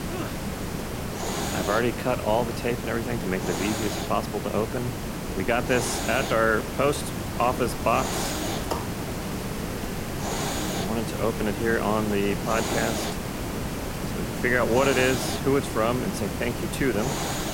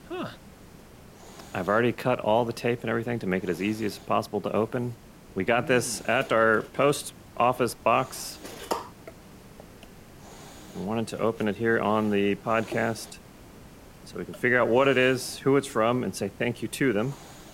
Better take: second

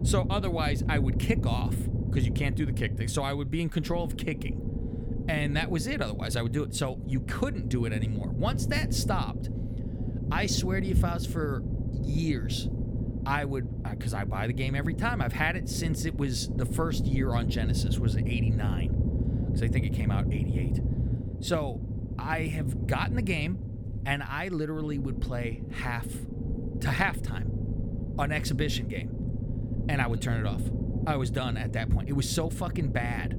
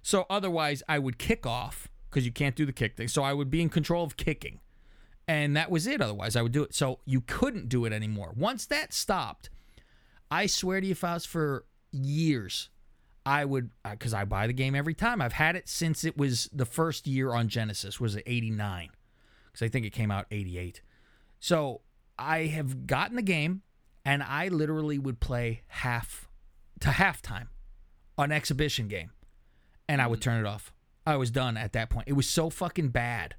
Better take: second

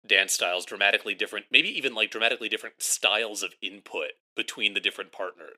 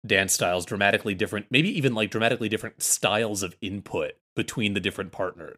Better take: second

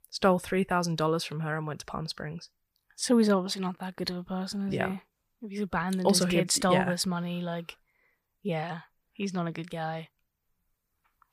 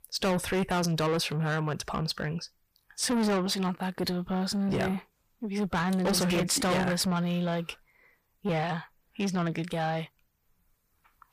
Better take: first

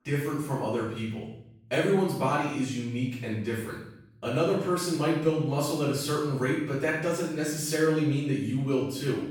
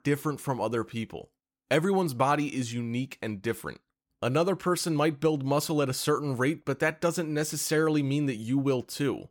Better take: second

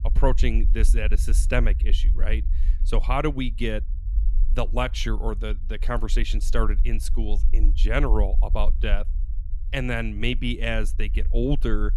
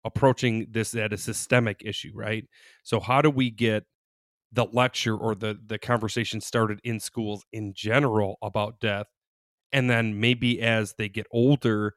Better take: second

